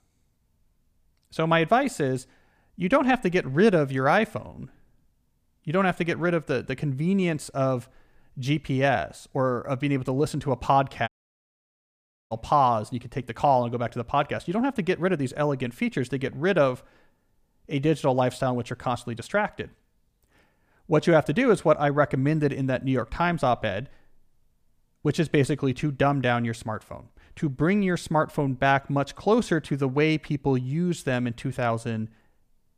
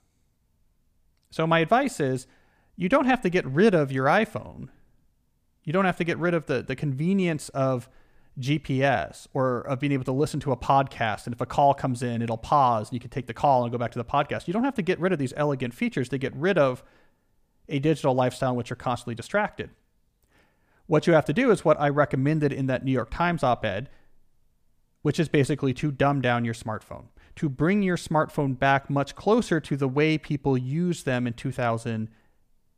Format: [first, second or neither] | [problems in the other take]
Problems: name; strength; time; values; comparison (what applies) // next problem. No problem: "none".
second | audio cutting out; at 11 s for 1 s